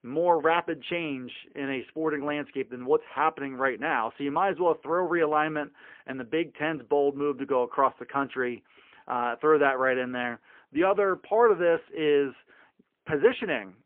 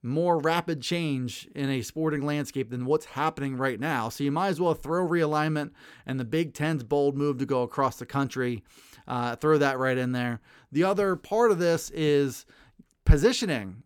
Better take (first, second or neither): second